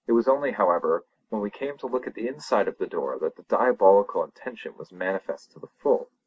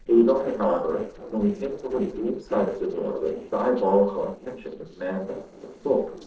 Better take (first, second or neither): first